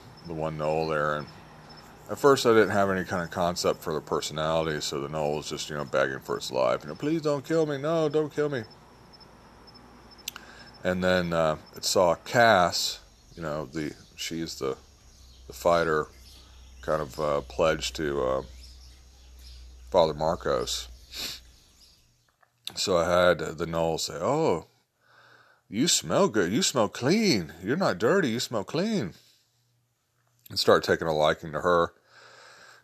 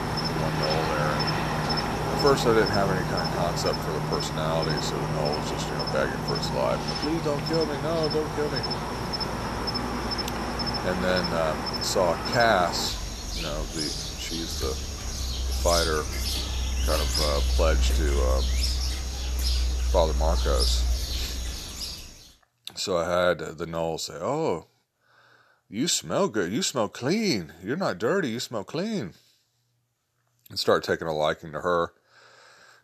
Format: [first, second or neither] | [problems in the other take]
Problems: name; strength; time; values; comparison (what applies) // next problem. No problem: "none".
first | animal sounds; loud; until 22 s; as loud as the speech; faint in the first